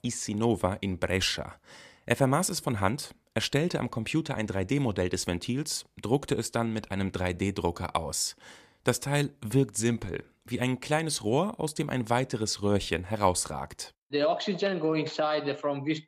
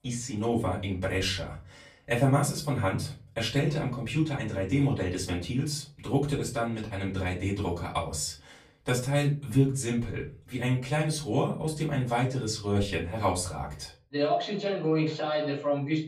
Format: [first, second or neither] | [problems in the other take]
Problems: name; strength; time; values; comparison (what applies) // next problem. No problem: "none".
first | off-mic speech; far // room echo; slight; dies away in 0.4 s